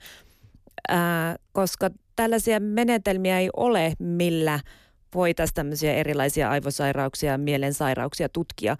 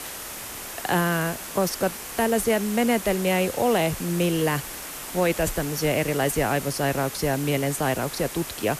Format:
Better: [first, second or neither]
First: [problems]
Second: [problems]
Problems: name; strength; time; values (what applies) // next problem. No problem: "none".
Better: first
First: none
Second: hiss; loud; throughout; 9 dB below the speech